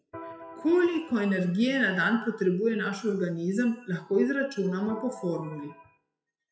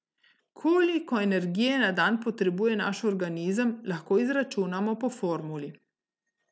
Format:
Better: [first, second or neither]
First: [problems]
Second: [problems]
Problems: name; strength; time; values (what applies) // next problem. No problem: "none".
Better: second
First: noise reduction (classical method WPE with log-MMSE)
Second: none